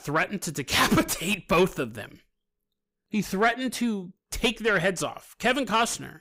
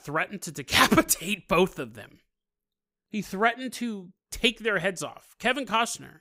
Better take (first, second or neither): second